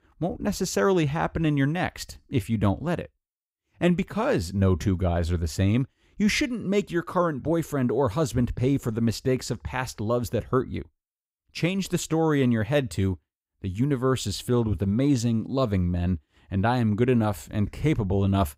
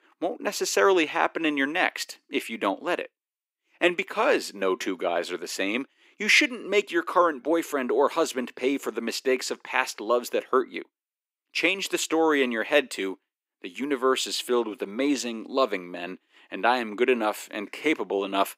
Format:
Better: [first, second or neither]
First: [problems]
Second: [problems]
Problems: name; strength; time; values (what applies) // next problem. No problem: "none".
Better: first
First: none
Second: thin; somewhat; fading below 300 Hz